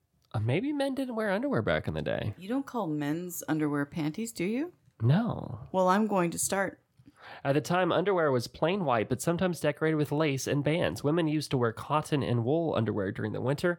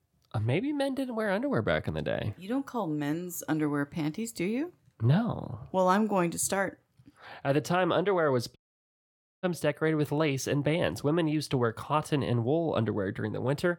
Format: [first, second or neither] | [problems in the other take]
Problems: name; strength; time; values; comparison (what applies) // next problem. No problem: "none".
first | audio cutting out; at 8.5 s for 1 s